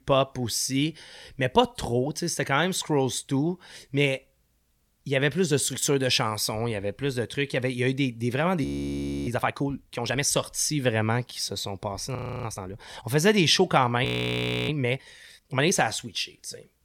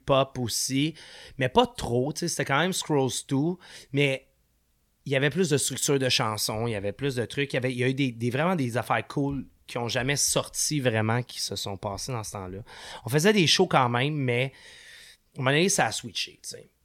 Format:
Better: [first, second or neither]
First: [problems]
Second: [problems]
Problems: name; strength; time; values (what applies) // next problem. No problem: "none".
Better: second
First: audio freezing; at 8.5 s for 0.5 s, at 12 s and at 14 s for 0.5 s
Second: none